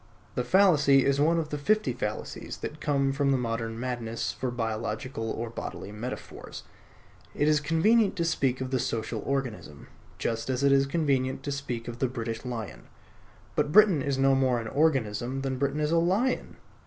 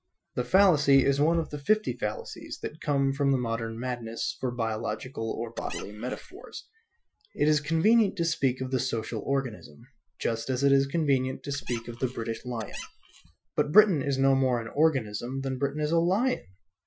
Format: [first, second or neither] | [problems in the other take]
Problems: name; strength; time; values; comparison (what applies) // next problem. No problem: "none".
first | noise reduction (classical method Wiener filter)